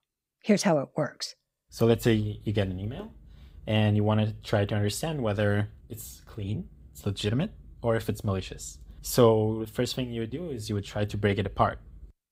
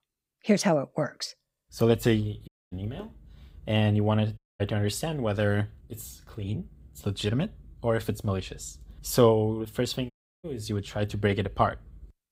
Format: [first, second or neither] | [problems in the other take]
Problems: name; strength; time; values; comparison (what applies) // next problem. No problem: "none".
first | audio cutting out; at 2.5 s, at 4.5 s and at 10 s